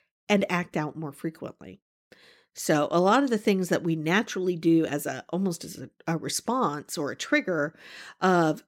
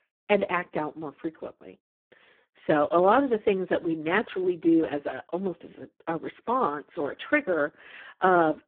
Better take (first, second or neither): first